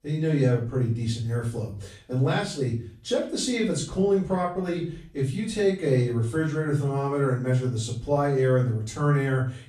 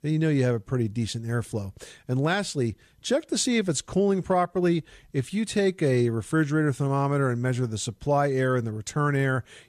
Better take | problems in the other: second | off-mic speech; far // room echo; slight; dies away in 0.4 s

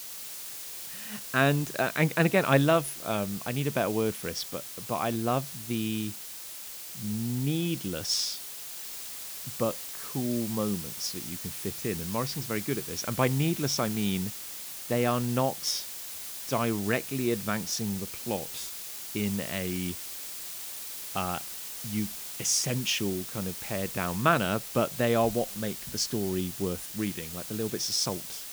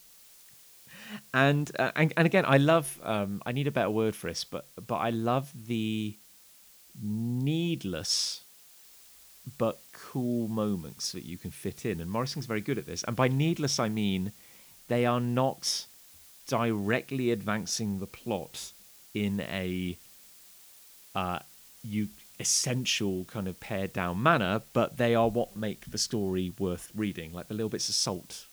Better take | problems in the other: second | hiss; loud; throughout; 7 dB below the speech; faint in the second

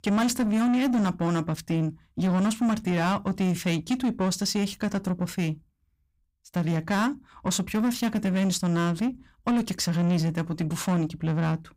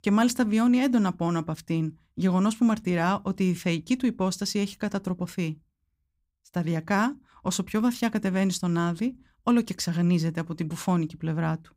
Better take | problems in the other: second | distortion; slight; 10 dB below the speech

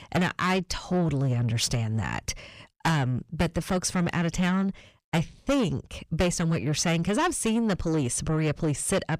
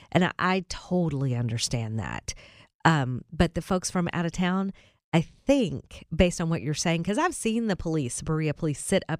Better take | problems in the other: second | distortion; heavy; 7 dB below the speech

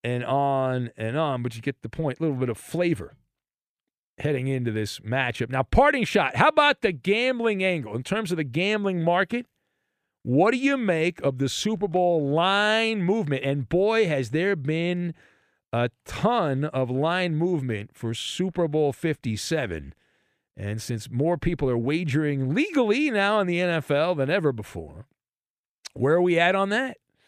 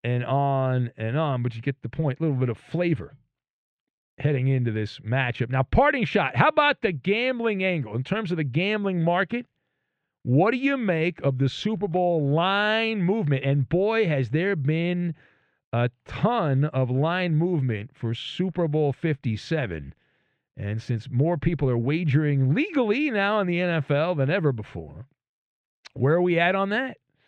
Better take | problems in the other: first | muffled; very slightly; fading above 3 kHz

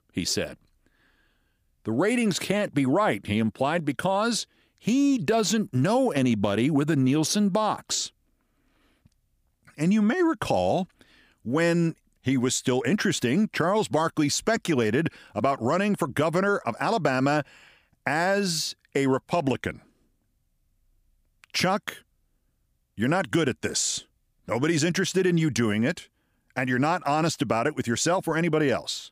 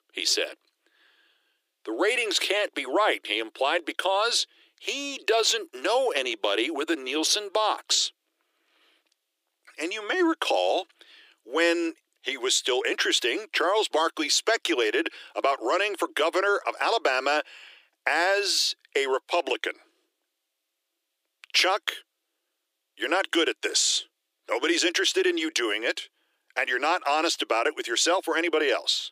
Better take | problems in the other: first | thin; very; fading below 350 Hz

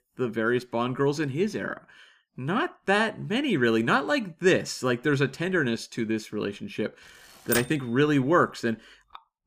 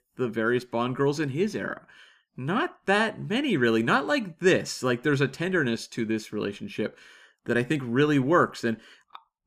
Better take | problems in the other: second | keyboard typing; noticeable; at 7.5 s; peak 3 dB below the speech

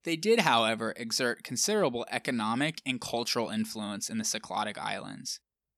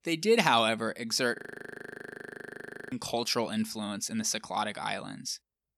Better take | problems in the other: first | audio freezing; at 1.5 s for 1.5 s

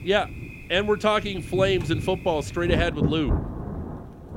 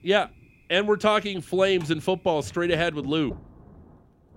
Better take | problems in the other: second | rain or running water; loud; throughout; 6 dB below the speech; faint in the second

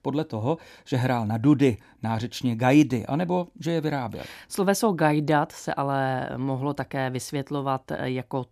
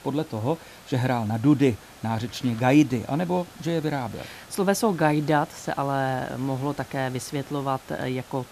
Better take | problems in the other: first | hiss; faint; throughout; 20 dB below the speech

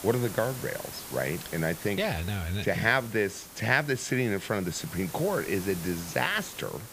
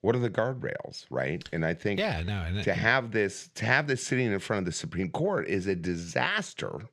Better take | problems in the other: second | hiss; noticeable; throughout; 10 dB below the speech

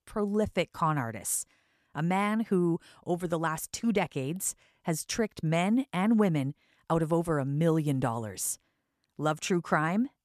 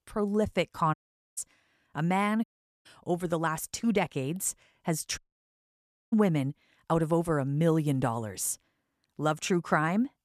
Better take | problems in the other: first | audio cutting out; at 1 s, at 2.5 s and at 5 s for 1 s

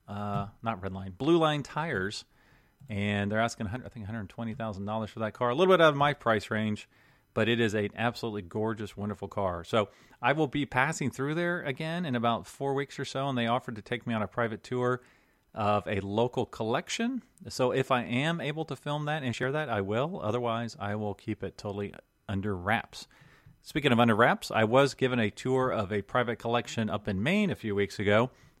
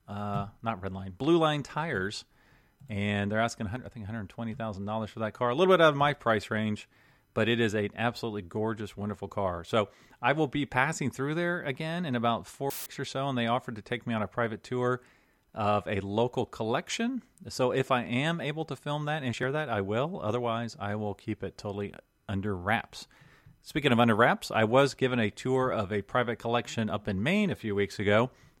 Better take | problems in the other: first | audio cutting out; filled with static; at 13 s

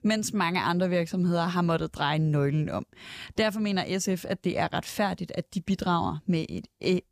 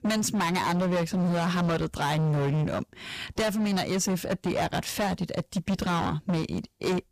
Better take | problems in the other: first | distortion; heavy; 25% of the sound clipped

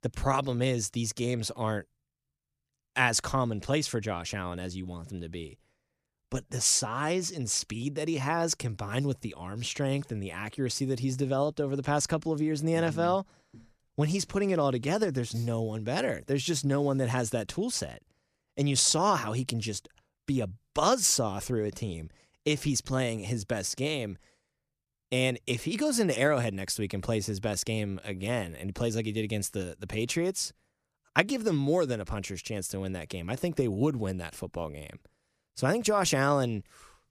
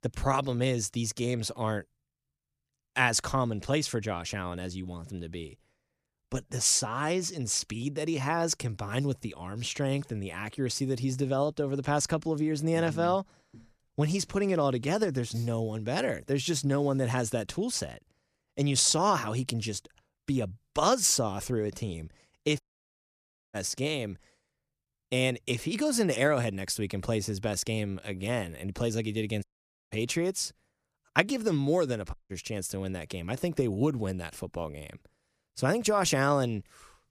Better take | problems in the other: first | audio cutting out; at 23 s for 1 s, at 29 s and at 32 s

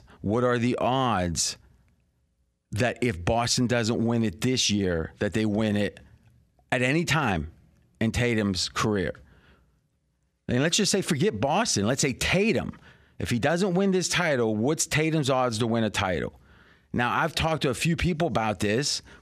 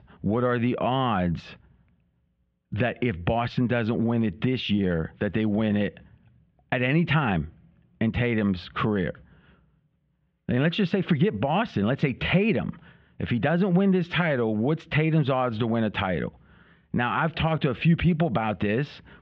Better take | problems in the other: first | muffled; very; fading above 3 kHz

